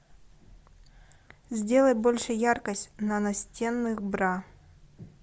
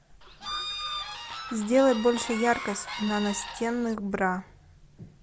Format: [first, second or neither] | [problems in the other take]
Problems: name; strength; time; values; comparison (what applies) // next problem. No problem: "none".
first | background sound (Bird / Fowl); 8 dB below the speech